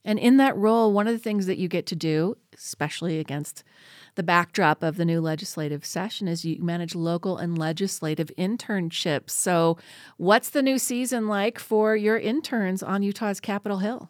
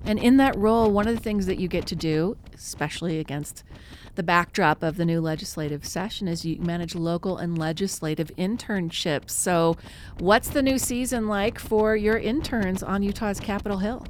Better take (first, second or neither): first